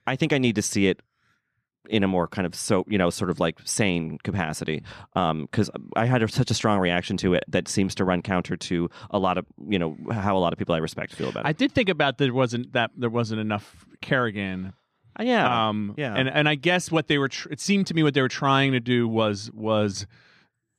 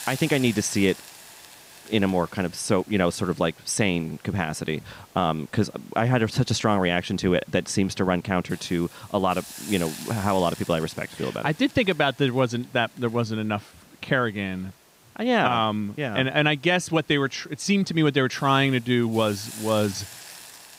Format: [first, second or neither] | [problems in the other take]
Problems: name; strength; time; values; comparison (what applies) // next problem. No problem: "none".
first | hiss; noticeable; throughout; 20 dB below the speech